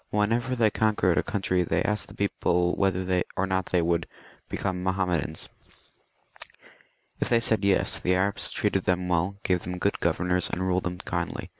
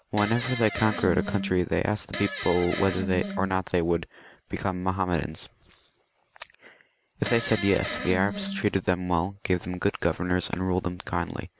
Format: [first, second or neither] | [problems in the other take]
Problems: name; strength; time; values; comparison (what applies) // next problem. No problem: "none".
first | background sound (Fart); 6 dB below the speech